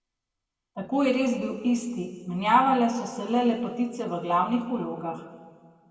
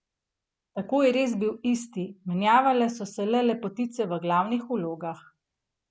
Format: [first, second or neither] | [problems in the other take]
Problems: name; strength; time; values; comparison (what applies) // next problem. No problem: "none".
second | room echo; dies away in 1.5 s